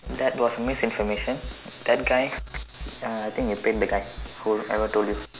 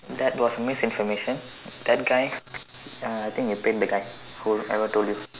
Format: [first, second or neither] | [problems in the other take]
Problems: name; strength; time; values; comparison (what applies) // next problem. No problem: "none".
second | background sound (Snare drum); 13 dB below the speech